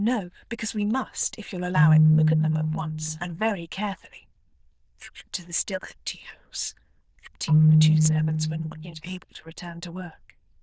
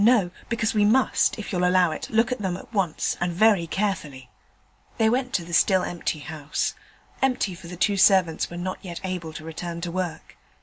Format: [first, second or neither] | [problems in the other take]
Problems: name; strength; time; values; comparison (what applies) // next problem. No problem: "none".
second | noise reduction (neural diffusion model UNIVERSE++)